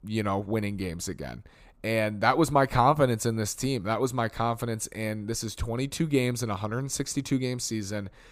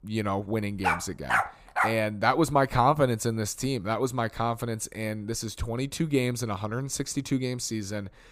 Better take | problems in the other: first | dog barking; loud; from 1 to 2 s; peak 1 dB above the speech

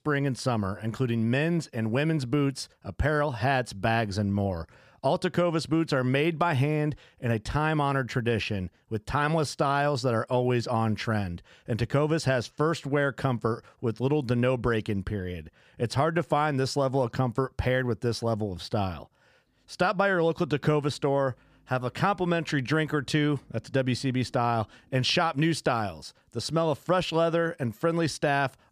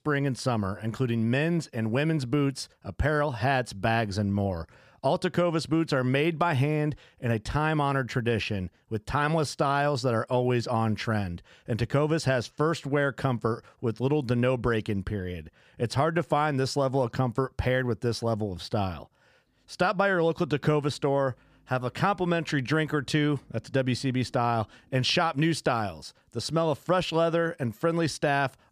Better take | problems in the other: neither | none

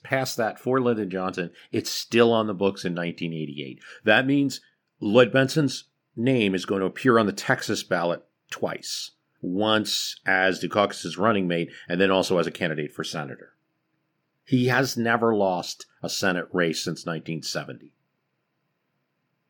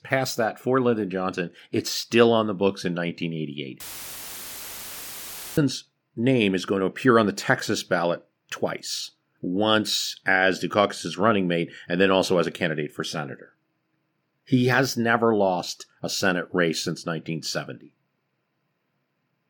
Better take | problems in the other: first | audio cutting out; filled with static; at 4 s for 2 s

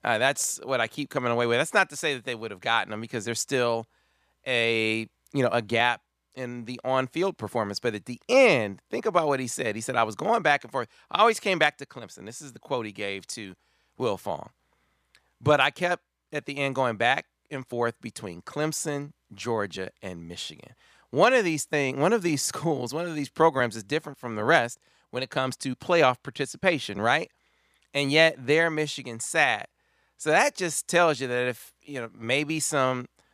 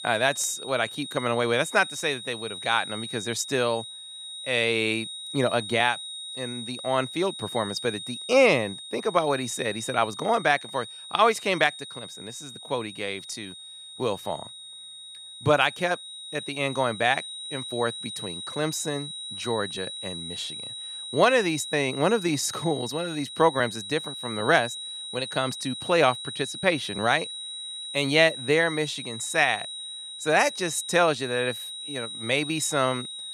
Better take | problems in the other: first | high-pitched whine; loud; throughout; 4 kHz, 10 dB below the speech

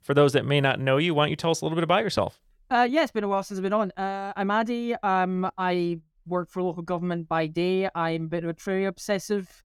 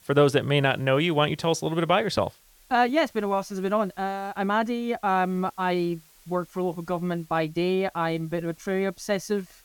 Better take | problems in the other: first | hiss; faint; throughout; 30 dB below the speech

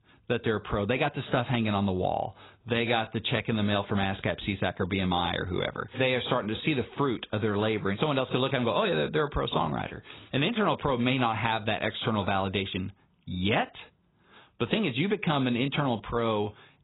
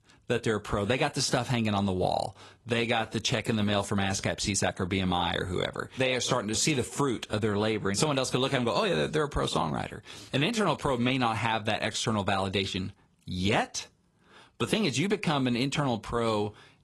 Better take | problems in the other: second | garbled, watery; badly; nothing above 4 kHz; slightly in the second

